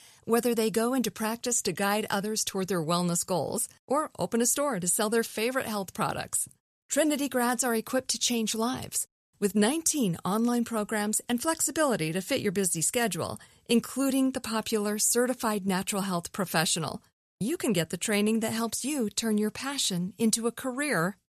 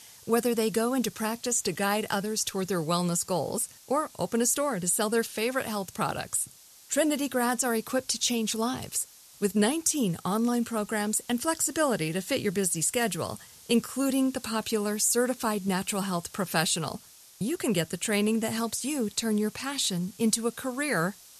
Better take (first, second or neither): first